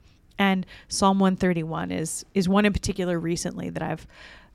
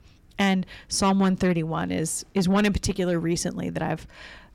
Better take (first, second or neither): first